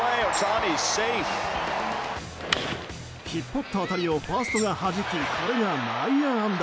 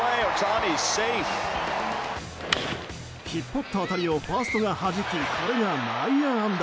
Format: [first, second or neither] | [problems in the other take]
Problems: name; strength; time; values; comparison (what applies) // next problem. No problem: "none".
second | background sound (Tambourine); 15 dB below the speech